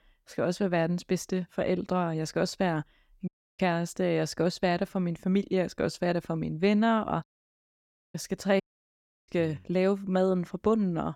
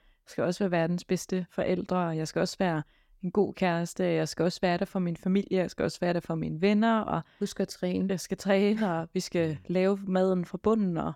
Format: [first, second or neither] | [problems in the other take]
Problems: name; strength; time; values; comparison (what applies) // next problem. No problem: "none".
second | audio cutting out; at 3.5 s, at 7 s for 1 s and at 8.5 s for 0.5 s